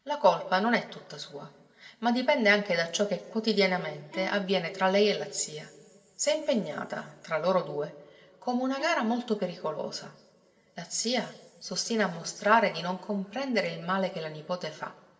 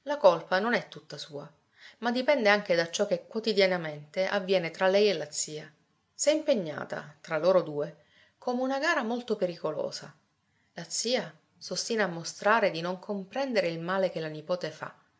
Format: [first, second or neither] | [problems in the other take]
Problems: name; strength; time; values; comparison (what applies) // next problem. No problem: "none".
second | background sound (Bowed string instrument); 18 dB below the speech // room echo; dies away in 2.3 s